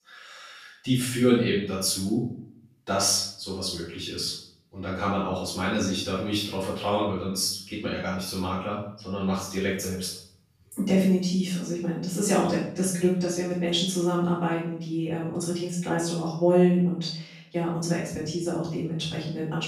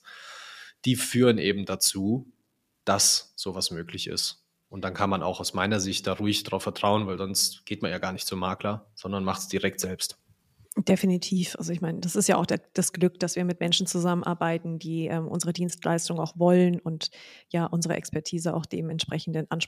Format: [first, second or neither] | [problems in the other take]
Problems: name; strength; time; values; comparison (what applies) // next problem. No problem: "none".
second | off-mic speech; far // room echo; noticeable; dies away in 0.5 s